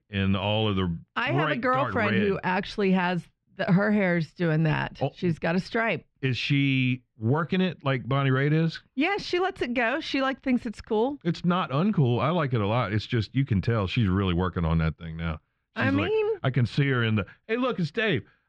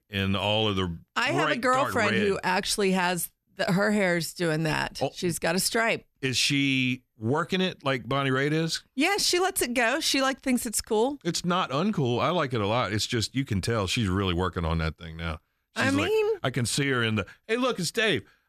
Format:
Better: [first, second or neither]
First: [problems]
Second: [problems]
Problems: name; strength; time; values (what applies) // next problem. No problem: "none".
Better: second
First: muffled; slightly; fading above 3 kHz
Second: none